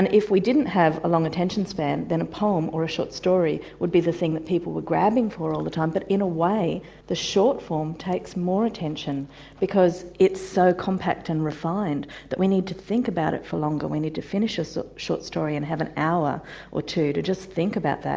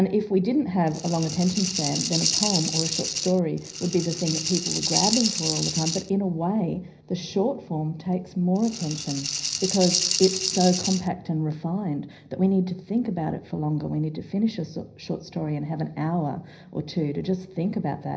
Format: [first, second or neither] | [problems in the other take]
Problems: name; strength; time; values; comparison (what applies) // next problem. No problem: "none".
first | background sound (Rattle (instrument)); 2 dB below the speech // room echo; dies away in 0.5 s